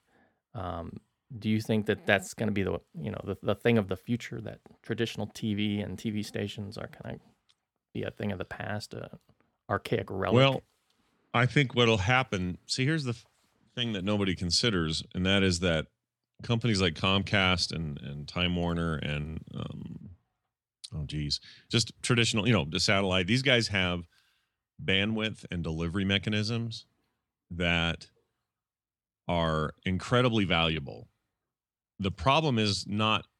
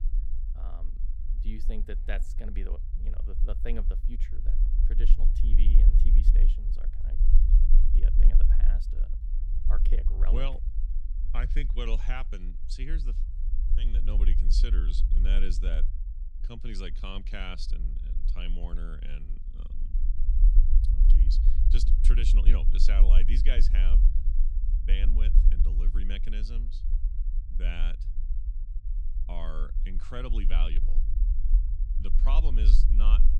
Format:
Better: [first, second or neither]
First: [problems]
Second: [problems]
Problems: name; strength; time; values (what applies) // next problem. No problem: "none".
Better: first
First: none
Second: low rumble; loud; throughout; 9 dB below the speech